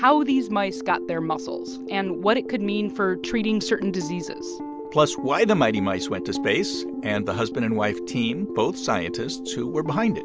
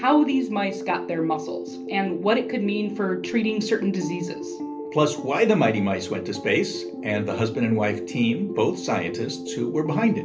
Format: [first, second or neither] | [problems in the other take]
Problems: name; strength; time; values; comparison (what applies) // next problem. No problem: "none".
first | room echo; dies away in 0.3 s